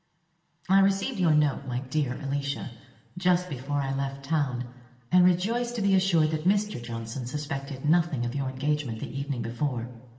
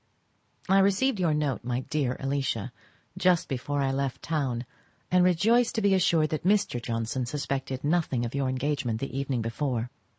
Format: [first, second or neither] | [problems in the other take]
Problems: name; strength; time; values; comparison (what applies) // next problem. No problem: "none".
second | room echo; dies away in 1.2 s